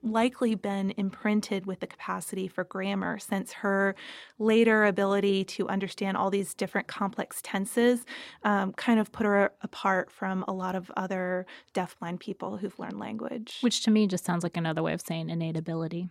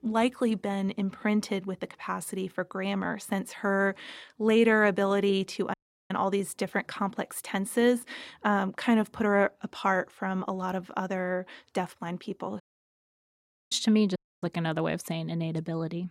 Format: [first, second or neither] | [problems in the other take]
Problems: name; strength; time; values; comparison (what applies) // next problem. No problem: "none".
first | audio cutting out; at 5.5 s, at 13 s for 1 s and at 14 s